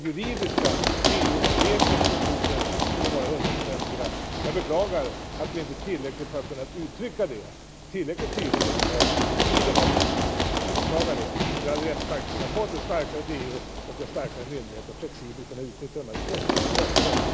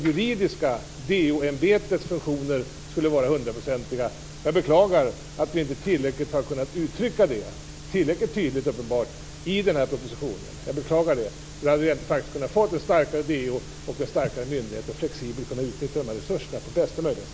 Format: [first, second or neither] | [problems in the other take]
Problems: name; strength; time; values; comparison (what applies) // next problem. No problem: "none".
second | background sound (Run); 5 dB above the speech